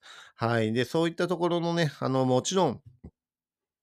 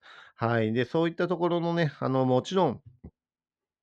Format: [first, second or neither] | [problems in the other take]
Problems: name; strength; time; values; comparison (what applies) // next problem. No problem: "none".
first | muffled; slightly; fading above 3 kHz